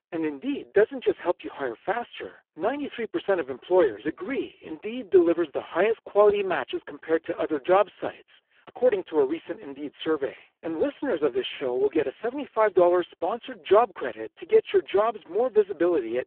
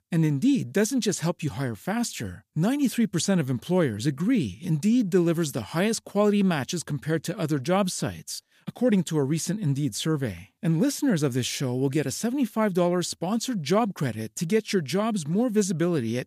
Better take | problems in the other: second | phone-call audio; poor line

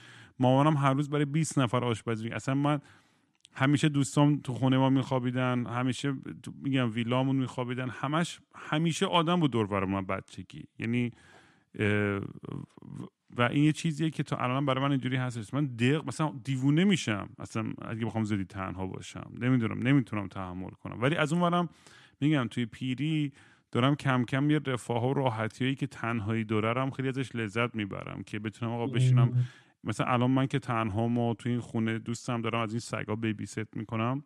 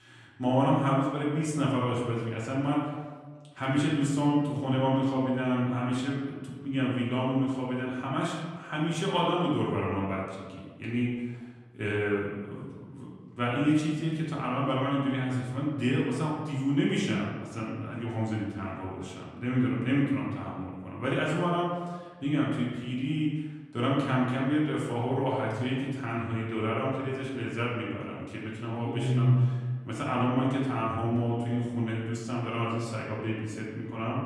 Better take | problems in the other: first | room echo; noticeable; dies away in 1.2 s // off-mic speech; far

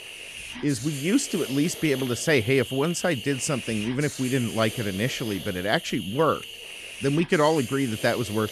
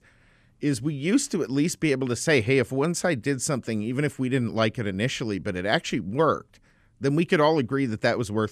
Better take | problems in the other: second | hiss; noticeable; throughout; 10 dB below the speech

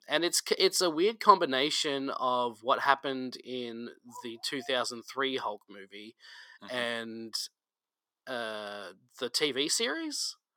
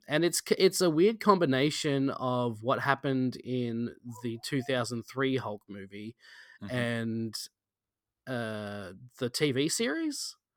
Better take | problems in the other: second | thin; somewhat; fading below 350 Hz

